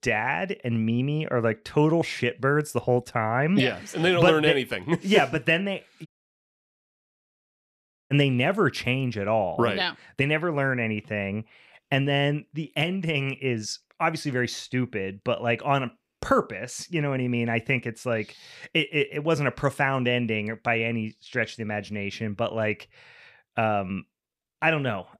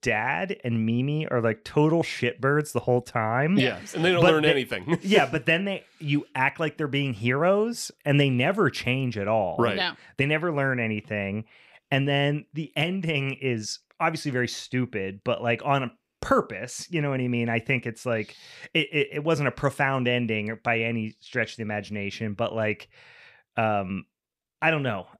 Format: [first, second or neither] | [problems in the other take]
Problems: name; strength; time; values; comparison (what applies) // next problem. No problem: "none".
second | audio cutting out; at 6 s for 2 s